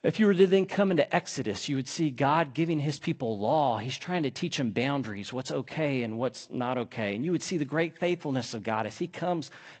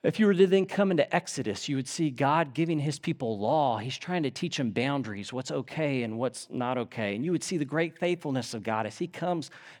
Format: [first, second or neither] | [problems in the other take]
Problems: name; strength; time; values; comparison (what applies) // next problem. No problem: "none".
second | garbled, watery; slightly; nothing above 8 kHz